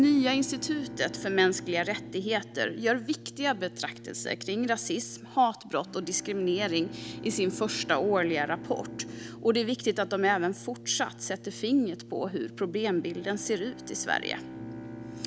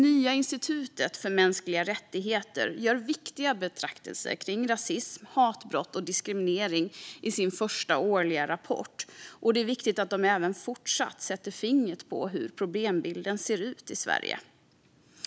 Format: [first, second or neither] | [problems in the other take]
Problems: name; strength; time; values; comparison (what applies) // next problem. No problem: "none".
second | background sound (Brass instrument + Bowed string instrument); 13 dB below the speech